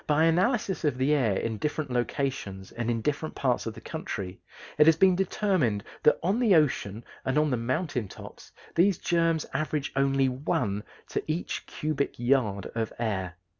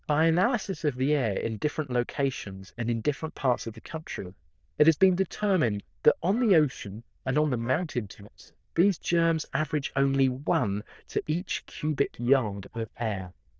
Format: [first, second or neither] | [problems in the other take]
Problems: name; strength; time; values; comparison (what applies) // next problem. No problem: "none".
first | noise reduction (neural diffusion model UNIVERSE++)